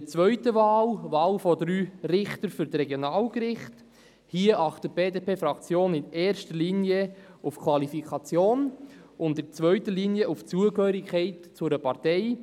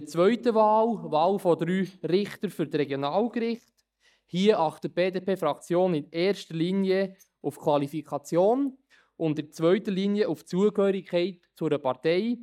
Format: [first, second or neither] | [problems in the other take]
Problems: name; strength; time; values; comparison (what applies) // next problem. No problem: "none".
first | noise reduction (neural mask model DeepFilterNet 3)